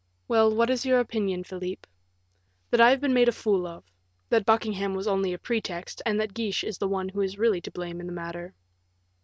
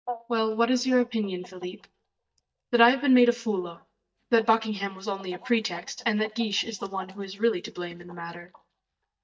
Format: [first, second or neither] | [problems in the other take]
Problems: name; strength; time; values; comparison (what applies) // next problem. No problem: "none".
first | noise reduction (neural mask model DeepFilterNet 3)